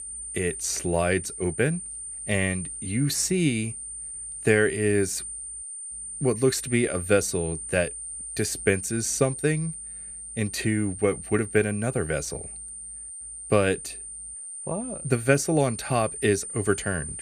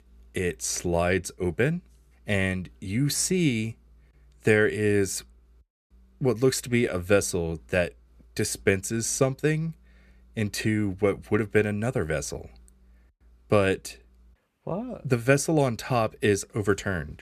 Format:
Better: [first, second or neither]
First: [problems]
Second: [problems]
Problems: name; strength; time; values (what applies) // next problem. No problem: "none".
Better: second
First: high-pitched whine; loud; throughout; 9 kHz, 8 dB below the speech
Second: none